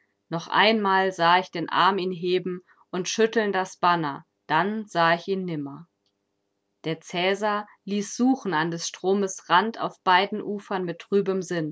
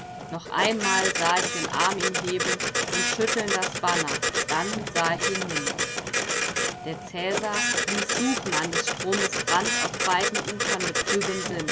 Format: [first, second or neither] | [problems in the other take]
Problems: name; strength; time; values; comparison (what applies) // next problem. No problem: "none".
first | background sound (Printer); 2 dB above the speech